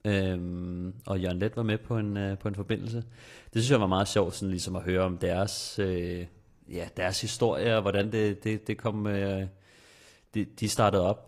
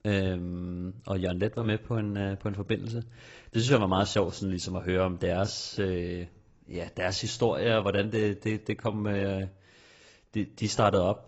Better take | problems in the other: first | garbled, watery; badly; nothing above 7.5 kHz; slightly in the first

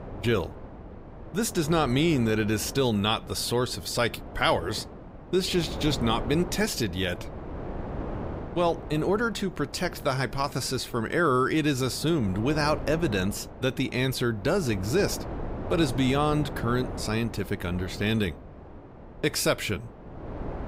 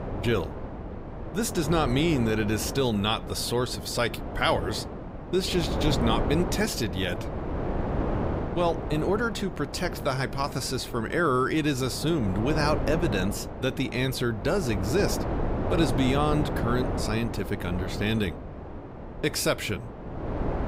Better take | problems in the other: first | wind noise on the microphone; heavy; 7 dB below the speech; occasional gusts in the first

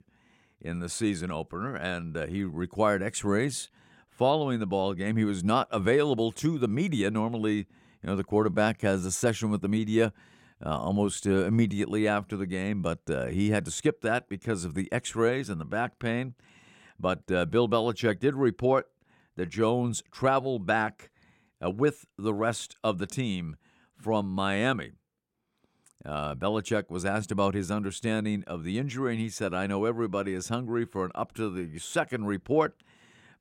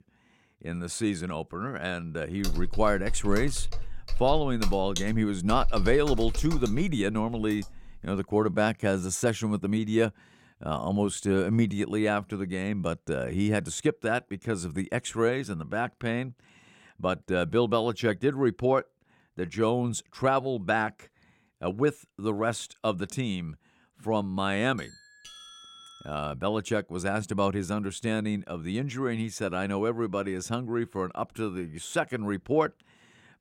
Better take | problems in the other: first | keyboard typing; noticeable; from 2.5 to 7.5 s; peak 6 dB below the speech // doorbell; faint; from 25 to 26 s; peak 15 dB below the speech

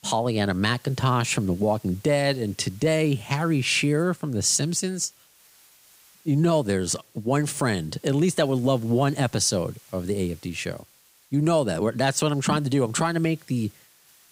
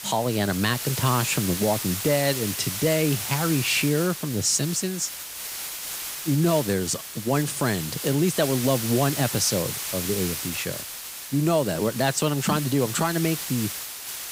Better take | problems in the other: first | hiss; loud; throughout; 6 dB below the speech; faint in the first

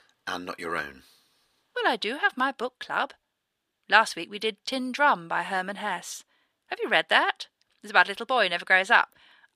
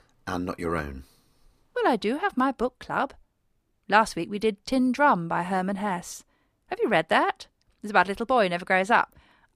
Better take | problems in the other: second | thin; somewhat; fading below 650 Hz

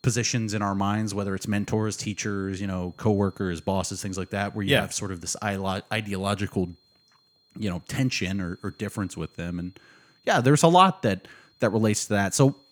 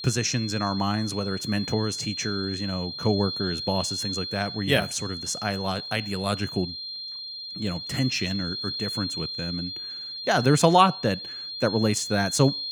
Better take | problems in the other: first | high-pitched whine; loud; throughout; 4 kHz, 6 dB below the speech; faint in the first

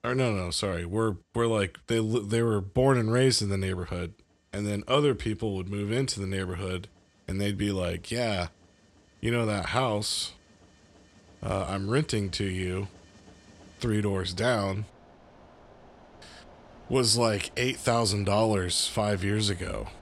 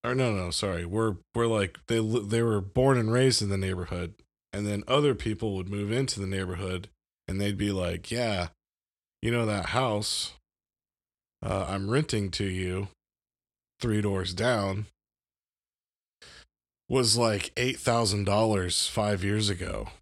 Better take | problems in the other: second | machinery noise; faint; throughout; 25 dB below the speech

